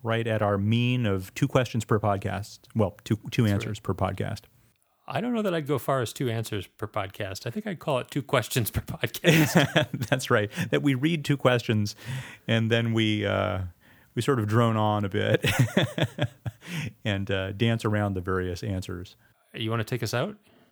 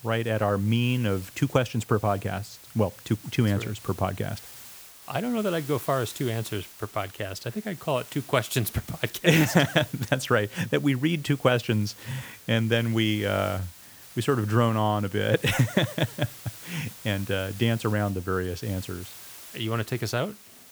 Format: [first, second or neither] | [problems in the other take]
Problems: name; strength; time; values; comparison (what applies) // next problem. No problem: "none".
first | hiss; noticeable; throughout; 15 dB below the speech